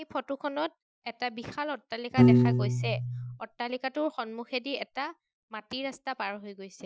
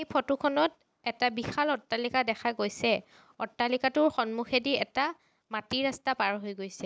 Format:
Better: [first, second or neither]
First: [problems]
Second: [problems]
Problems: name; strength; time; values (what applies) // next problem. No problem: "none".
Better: second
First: noise reduction (classical method Wiener filter)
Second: none